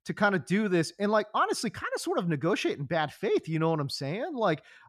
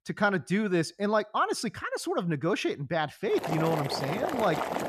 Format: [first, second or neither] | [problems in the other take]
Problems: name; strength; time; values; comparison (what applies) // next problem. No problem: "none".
first | household noises; loud; from 3.5 s on; 4 dB below the speech